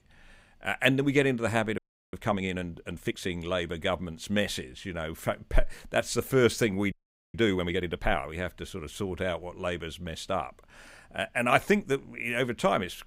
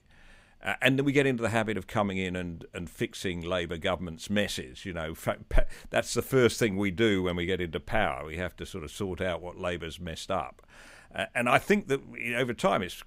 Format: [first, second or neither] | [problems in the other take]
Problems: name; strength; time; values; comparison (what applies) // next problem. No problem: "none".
second | audio freezing; at 2 s and at 7 s